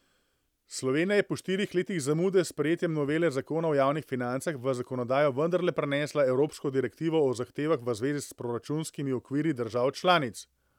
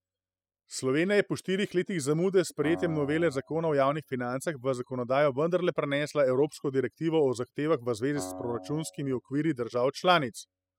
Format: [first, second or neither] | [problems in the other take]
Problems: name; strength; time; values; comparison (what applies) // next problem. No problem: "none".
first | noise reduction (classical method spectral subtraction)